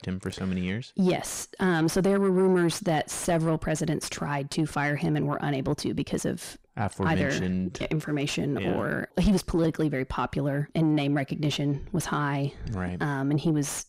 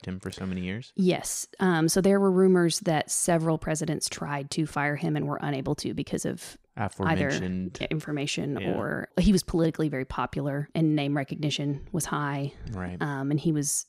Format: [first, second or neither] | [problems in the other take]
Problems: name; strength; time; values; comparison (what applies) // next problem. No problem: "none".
second | distortion; slight; 10 dB below the speech